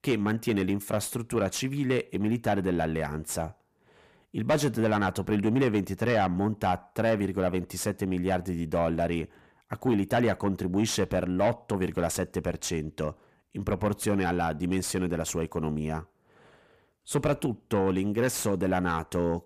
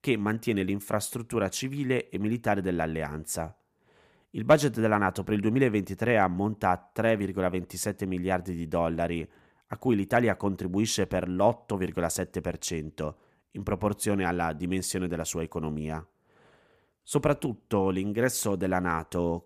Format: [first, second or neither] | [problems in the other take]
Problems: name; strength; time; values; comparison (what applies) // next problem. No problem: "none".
second | distortion; slight; 10 dB below the speech